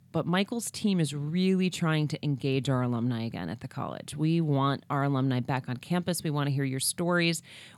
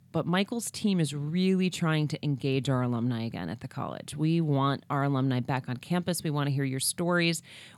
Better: neither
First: none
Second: none

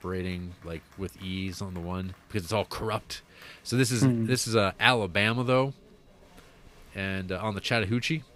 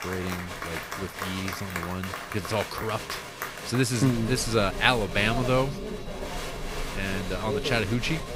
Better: first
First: crowd noise; faint; throughout; 30 dB below the speech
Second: crowd noise; loud; throughout; 7 dB below the speech

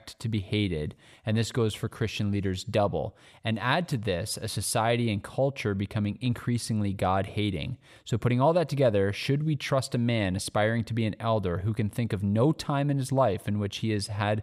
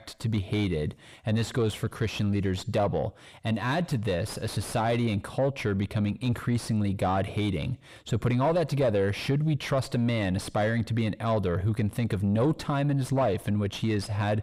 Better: first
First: none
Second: distortion; slight; 10 dB below the speech

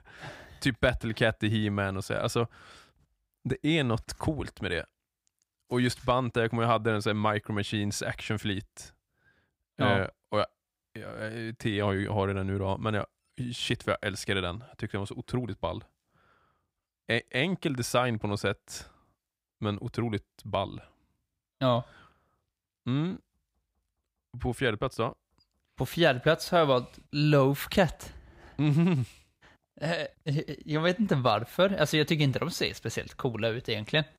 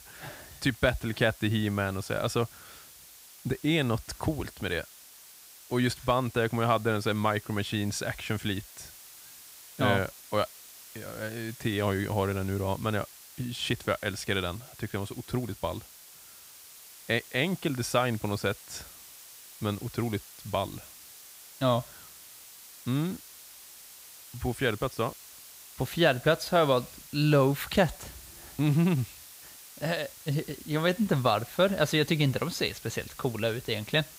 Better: first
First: none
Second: hiss; noticeable; throughout; 15 dB below the speech

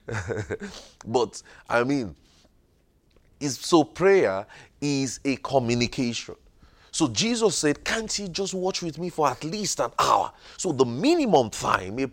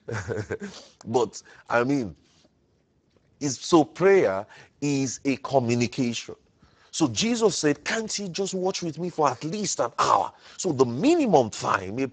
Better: first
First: none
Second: garbled, watery; badly; nothing above 7.5 kHz

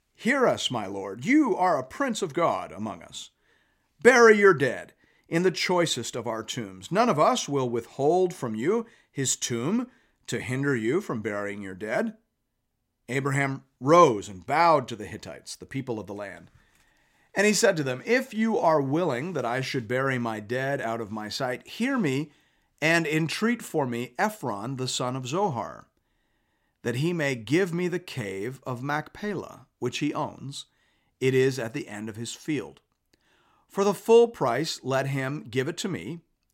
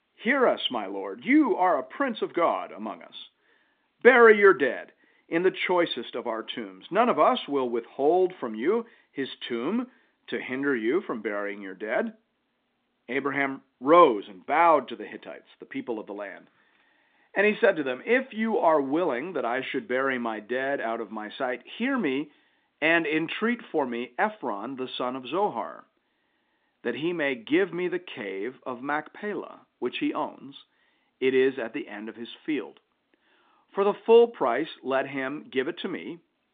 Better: first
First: none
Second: phone-call audio; nothing above 3.5 kHz

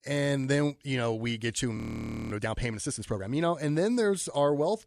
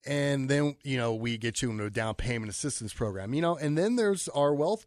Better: second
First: audio freezing; at 2 s for 0.5 s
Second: none

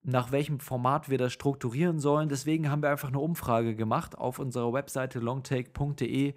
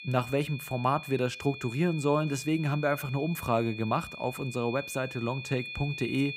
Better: first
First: none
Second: high-pitched whine; noticeable; throughout; 2.5 kHz, 10 dB below the speech

